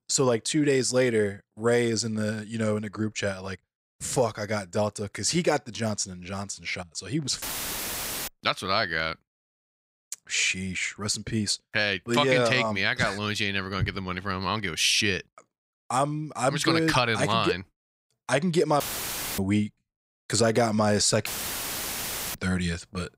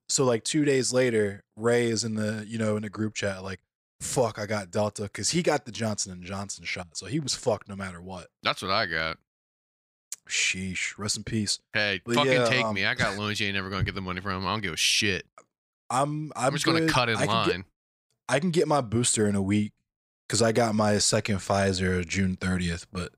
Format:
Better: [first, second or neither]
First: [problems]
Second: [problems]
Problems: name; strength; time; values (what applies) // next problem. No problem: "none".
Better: second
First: audio cutting out; filled with static; at 7.5 s for 1 s, at 19 s for 0.5 s and at 21 s for 1 s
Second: none